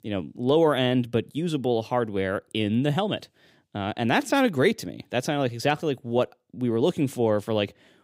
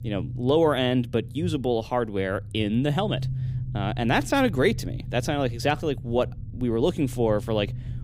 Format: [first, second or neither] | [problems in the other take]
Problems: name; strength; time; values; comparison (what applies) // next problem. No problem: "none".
first | low rumble; faint; throughout; 20 dB below the speech